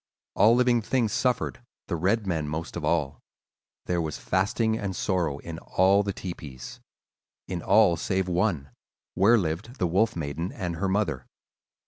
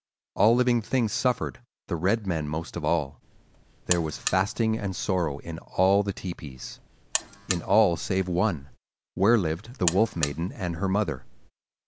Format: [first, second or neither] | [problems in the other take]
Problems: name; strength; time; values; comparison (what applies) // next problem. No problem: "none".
first | background sound (Alarm); 11 dB below the speech